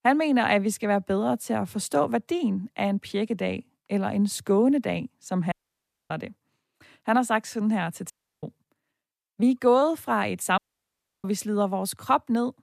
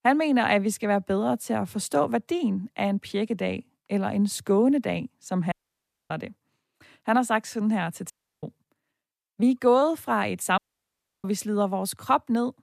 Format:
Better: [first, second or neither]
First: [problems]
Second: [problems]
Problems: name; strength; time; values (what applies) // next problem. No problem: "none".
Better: neither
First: audio cutting out; at 5.5 s for 0.5 s, at 8 s and at 11 s for 0.5 s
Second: audio cutting out; at 5.5 s for 0.5 s, at 8 s and at 11 s for 0.5 s